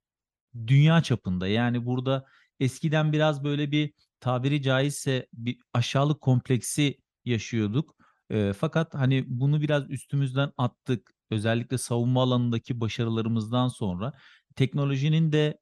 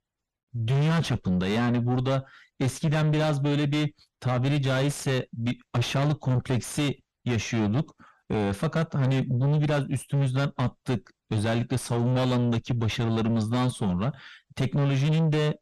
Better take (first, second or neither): first